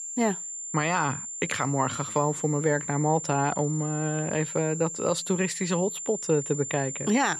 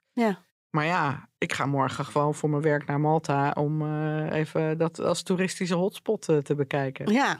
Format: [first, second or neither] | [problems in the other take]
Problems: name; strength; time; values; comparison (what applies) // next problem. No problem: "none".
second | high-pitched whine; loud; throughout; 7 kHz, 6 dB below the speech